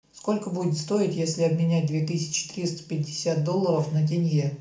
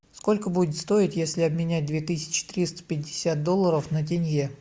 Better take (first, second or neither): second